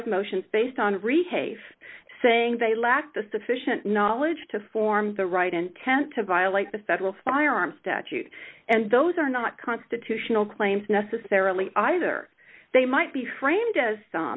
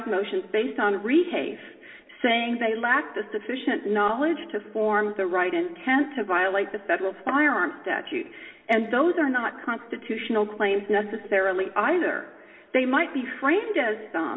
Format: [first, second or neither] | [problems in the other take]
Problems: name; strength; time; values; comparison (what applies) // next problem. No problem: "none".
first | room echo; dies away in 2.4 s